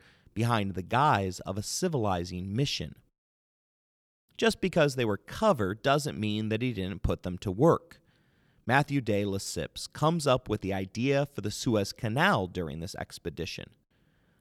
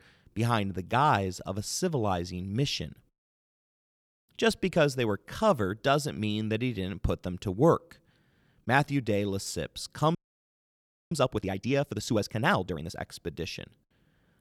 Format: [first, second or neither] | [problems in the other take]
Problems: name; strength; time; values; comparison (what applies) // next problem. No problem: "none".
first | audio freezing; at 10 s for 1 s